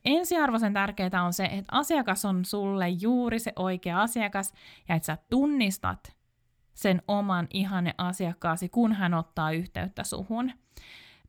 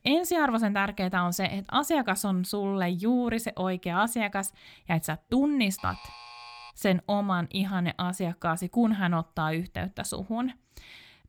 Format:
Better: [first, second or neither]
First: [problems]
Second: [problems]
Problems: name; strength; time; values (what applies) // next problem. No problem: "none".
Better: first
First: none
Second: alarm; faint; at 6 s; peak 15 dB below the speech